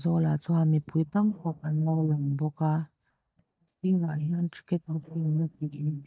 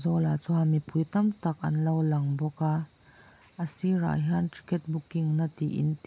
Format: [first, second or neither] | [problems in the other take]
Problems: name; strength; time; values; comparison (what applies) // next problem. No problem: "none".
second | noise reduction (neural mask model DeepFilterNet 3)